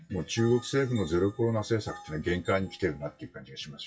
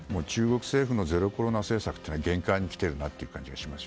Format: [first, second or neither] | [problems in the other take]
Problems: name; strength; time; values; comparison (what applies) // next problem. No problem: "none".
second | noise reduction (classical method WPE with log-MMSE)